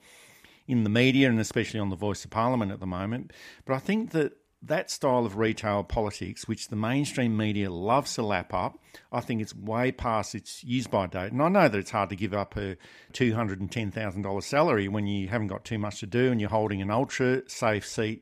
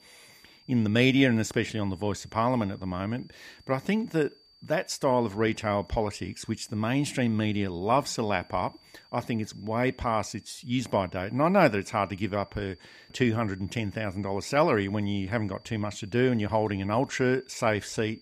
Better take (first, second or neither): first